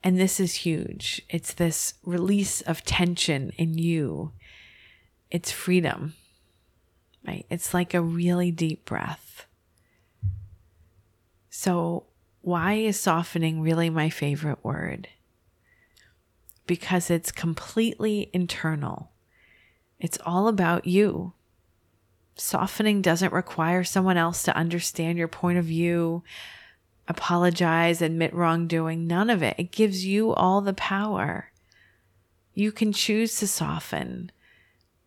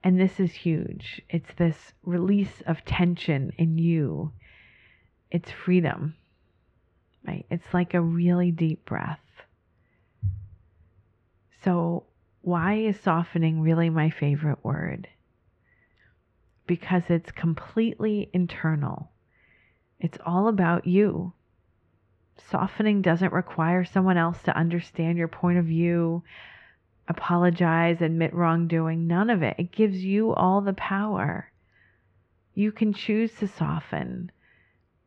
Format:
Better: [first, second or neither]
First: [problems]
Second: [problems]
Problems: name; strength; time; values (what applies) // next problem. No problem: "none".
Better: first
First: none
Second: muffled; very; fading above 2.5 kHz